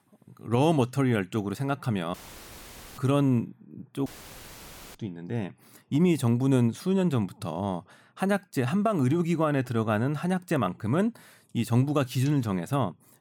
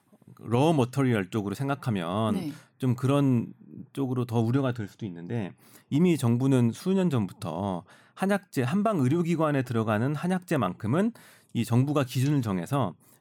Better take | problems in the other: second | audio cutting out; filled with static; at 2 s for 1 s and at 4 s for 1 s

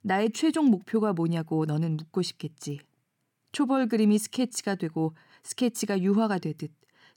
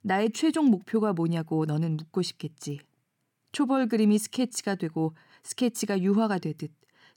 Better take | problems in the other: neither | none

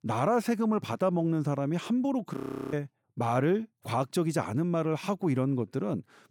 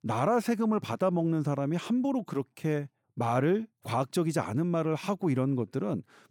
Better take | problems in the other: second | audio freezing; at 2.5 s

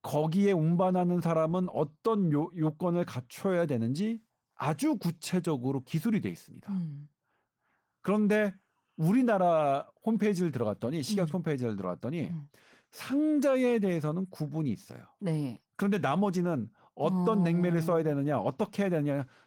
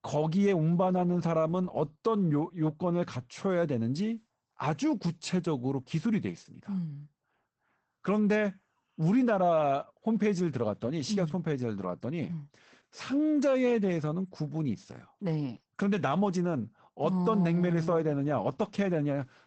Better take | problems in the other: first | garbled, watery; badly; nothing above 8 kHz; slightly in the first

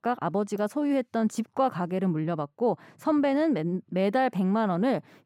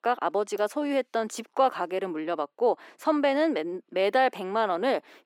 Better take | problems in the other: first | thin; somewhat; fading below 350 Hz

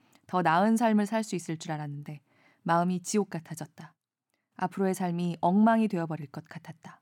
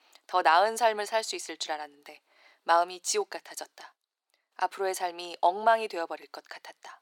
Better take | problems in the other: first | thin; very; fading below 400 Hz

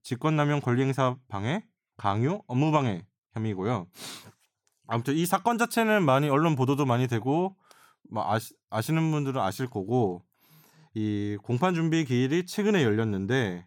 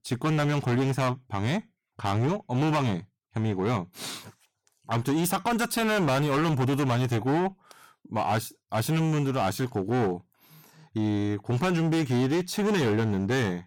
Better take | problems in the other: first | distortion; heavy; 18% of the sound clipped

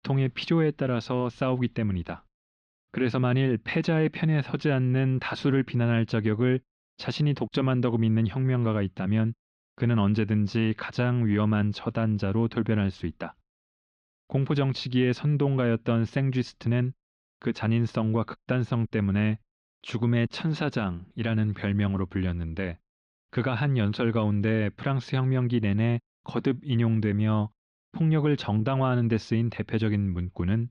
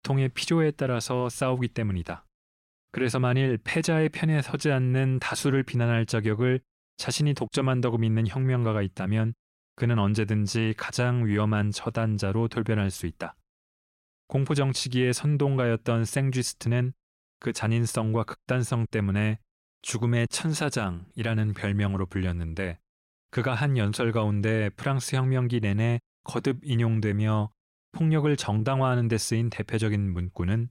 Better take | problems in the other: second | muffled; very slightly; fading above 4 kHz

